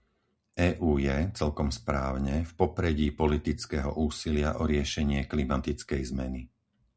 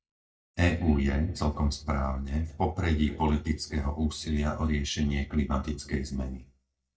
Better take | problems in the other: first | noise reduction (neural mask model DeepFilterNet 3)

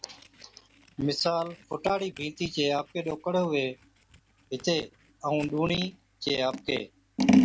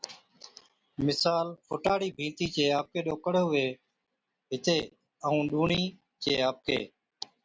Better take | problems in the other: second | background sound (Scissors); 2 dB below the speech

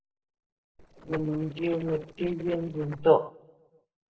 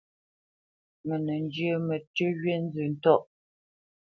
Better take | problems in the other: second | noise reduction (neural separator model SepFormer DNS4)

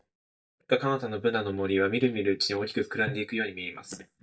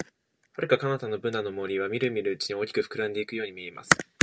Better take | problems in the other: second | noise reduction (neural mask model DeepFilterNet 3)

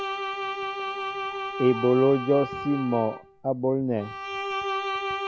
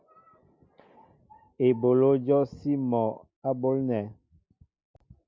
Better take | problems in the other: second | background sound (Bowed string instrument); 5 dB below the speech

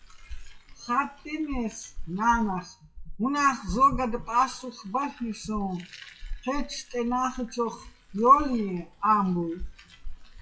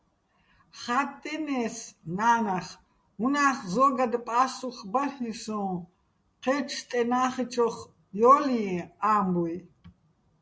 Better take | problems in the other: second | noise reduction (classical method WPE with log-MMSE)

